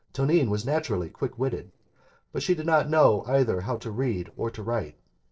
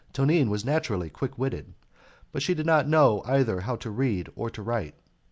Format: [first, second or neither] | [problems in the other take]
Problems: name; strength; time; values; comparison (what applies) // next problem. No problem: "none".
second | noise reduction (neural separator model SepFormer DNS4)